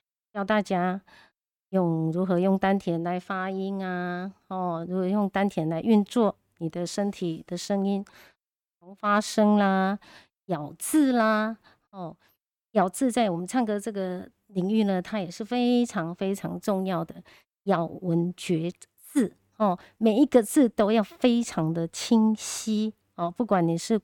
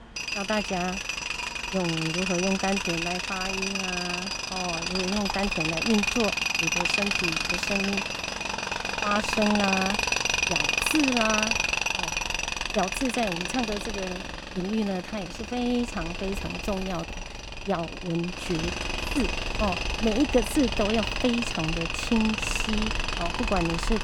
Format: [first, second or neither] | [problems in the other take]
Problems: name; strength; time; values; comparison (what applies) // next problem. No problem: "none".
first | machinery noise; very loud; throughout; 2 dB above the speech